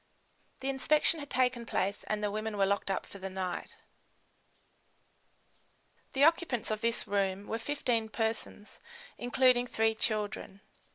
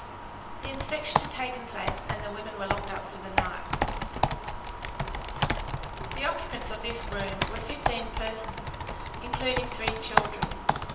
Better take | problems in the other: first | background sound (Computer keyboard); 5 dB above the speech // room echo; dies away in 0.9 s

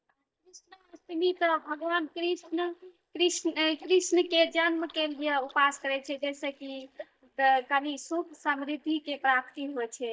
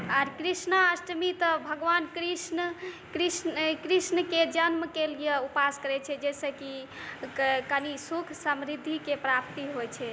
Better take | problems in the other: second | noise reduction (neural mask model DeepFilterNet 3)

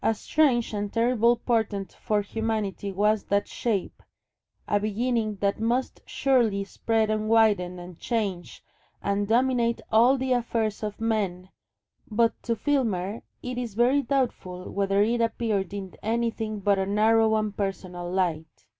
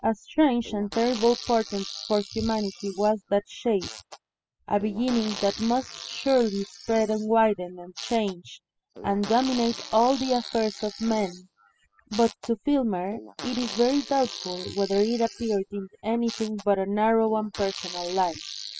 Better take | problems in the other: first | noise reduction (classical method spectral subtraction)

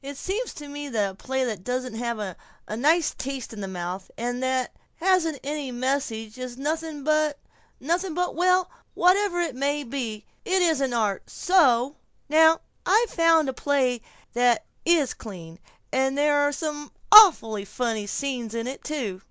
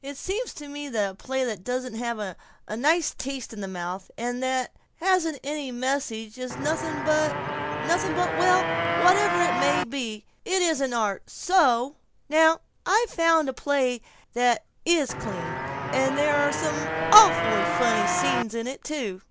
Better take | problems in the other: first | background sound (Motorcycle); 1 dB below the speech

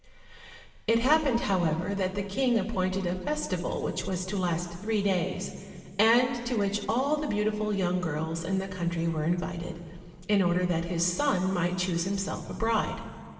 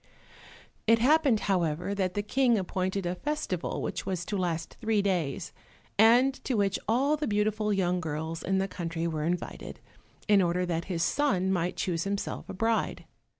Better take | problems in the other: second | room echo; dies away in 2 s

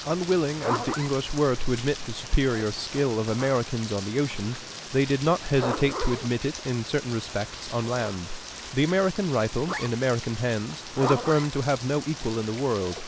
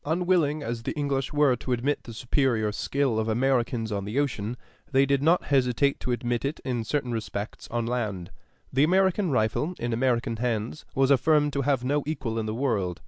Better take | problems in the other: second | background sound (Rain + Zipper (clothing)); 9 dB below the speech

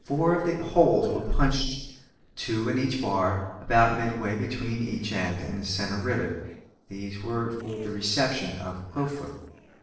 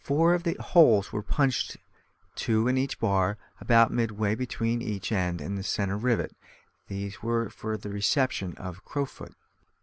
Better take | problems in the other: second | noise reduction (neural separator model SepFormer DNS4)

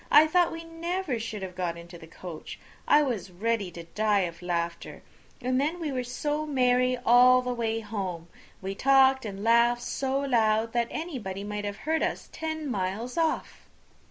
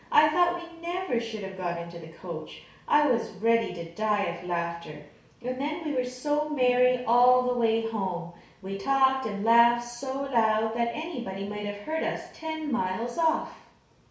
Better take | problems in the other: first | room echo; dies away in 0.6 s

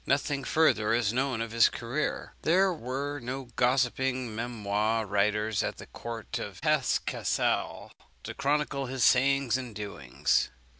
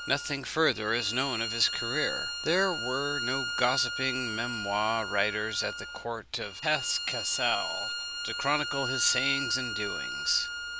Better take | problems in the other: first | background sound (Bowed string instrument); 4 dB below the speech

